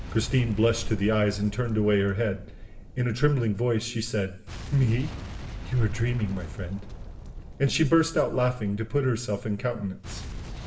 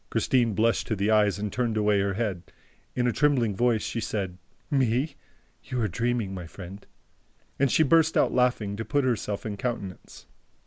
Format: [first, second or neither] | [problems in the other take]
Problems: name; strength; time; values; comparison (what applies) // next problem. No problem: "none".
second | background sound (Boom); 13 dB below the speech // room echo; dies away in 0.7 s